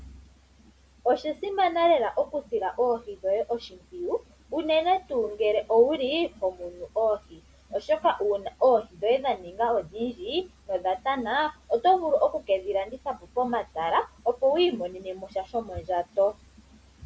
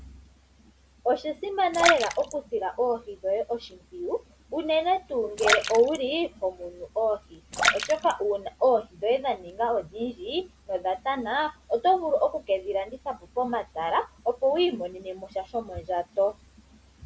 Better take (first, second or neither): first